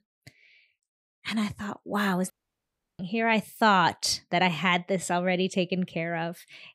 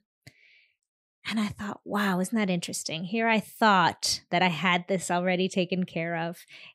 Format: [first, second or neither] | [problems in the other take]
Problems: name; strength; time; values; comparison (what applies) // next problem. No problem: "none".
second | audio cutting out; at 2.5 s for 0.5 s